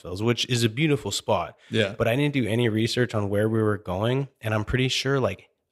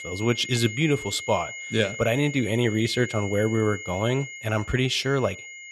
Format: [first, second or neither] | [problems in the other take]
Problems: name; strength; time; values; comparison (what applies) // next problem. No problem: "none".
first | high-pitched whine; noticeable; throughout; 2 kHz, 10 dB below the speech